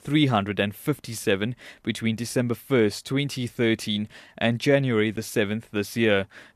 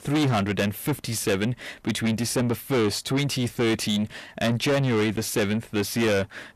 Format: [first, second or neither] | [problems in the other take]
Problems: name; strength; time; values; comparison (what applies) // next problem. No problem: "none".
first | distortion; heavy; 7 dB below the speech